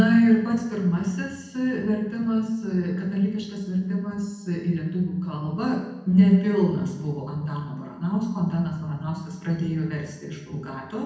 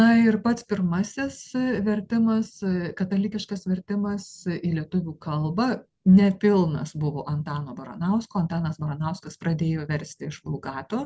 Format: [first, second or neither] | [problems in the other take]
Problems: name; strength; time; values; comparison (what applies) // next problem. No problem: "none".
second | room echo; dies away in 0.9 s